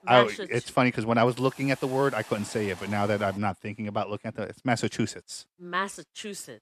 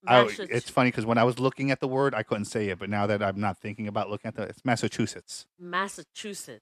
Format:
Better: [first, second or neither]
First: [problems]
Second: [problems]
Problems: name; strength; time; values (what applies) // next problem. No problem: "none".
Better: second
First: hiss; noticeable; until 3.5 s; 20 dB below the speech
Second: none